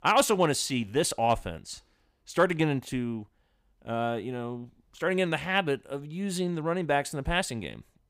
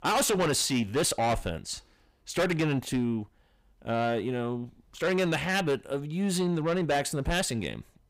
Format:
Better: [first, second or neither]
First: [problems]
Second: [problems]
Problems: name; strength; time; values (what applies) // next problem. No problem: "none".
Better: first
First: none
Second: distortion; heavy; 6 dB below the speech